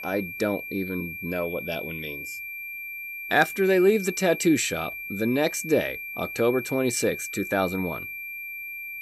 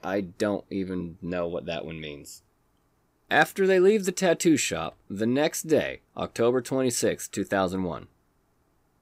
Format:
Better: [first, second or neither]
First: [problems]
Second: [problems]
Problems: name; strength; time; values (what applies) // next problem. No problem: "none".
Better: second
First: high-pitched whine; loud; throughout; 2.5 kHz, 8 dB below the speech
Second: none